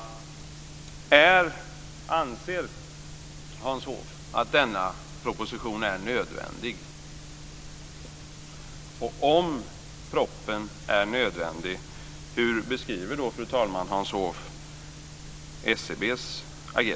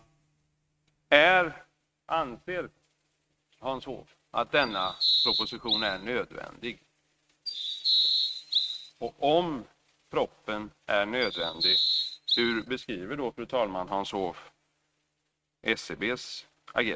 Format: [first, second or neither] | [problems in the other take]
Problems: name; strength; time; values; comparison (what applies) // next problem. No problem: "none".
first | noise reduction (neural mask model RNNoise)